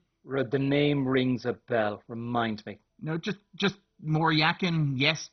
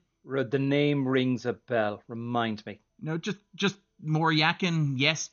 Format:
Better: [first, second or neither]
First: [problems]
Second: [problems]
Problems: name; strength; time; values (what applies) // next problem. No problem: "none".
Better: second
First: garbled, watery; badly; nothing above 6 kHz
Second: garbled, watery; slightly; nothing above 6.5 kHz